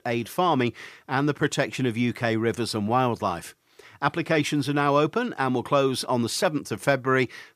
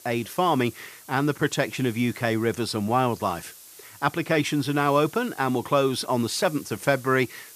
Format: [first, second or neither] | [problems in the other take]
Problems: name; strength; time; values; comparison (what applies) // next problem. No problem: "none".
first | hiss; faint; throughout; 20 dB below the speech